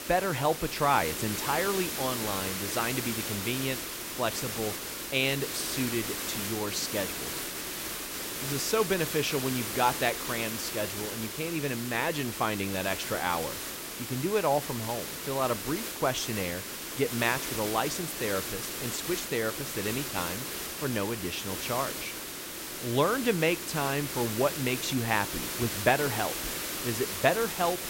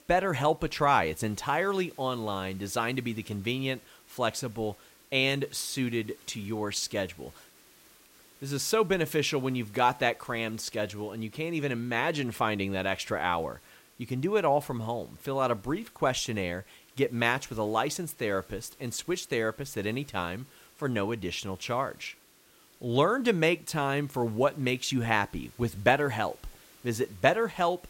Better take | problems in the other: second | hiss; loud; throughout; 3 dB below the speech; faint in the second

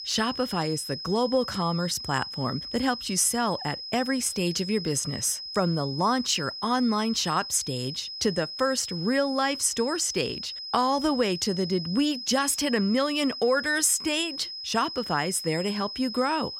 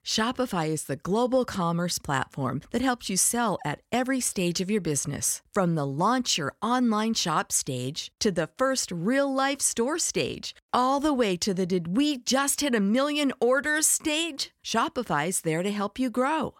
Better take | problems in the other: second | high-pitched whine; loud; throughout; 5 kHz, 8 dB below the speech

